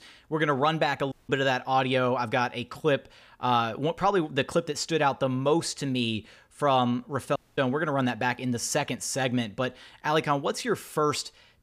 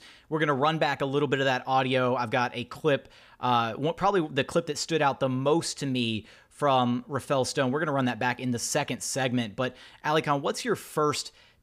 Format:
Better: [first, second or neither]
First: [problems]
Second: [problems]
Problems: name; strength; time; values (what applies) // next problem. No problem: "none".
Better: second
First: audio cutting out; at 1 s and at 7.5 s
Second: none